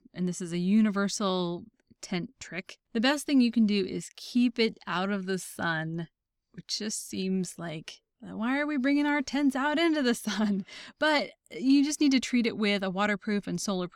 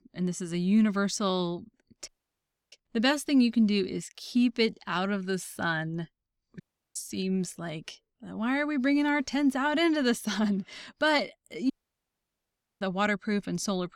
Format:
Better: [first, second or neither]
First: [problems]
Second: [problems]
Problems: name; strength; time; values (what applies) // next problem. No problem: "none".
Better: first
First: none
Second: audio cutting out; at 2 s for 0.5 s, at 6.5 s and at 12 s for 1 s